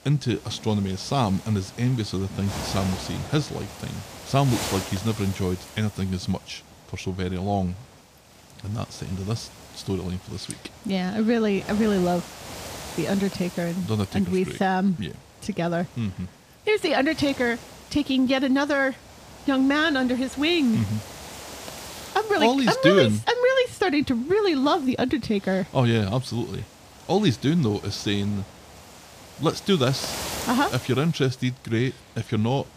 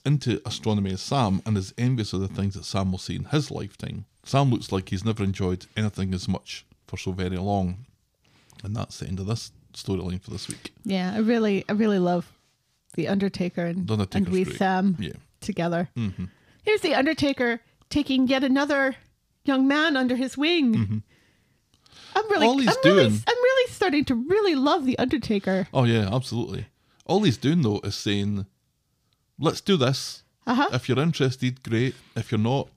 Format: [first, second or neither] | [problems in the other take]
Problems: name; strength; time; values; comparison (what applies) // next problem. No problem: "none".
second | wind noise on the microphone; occasional gusts; 15 dB below the speech